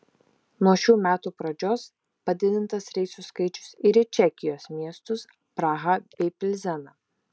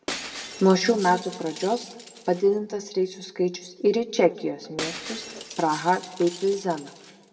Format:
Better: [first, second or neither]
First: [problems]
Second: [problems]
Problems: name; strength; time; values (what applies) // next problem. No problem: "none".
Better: first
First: none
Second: background sound (Shatter); 15 dB below the speech // room echo; dies away in 1.1 s